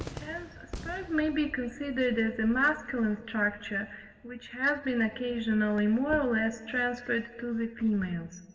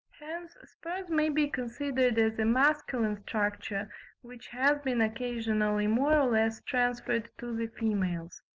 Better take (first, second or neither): second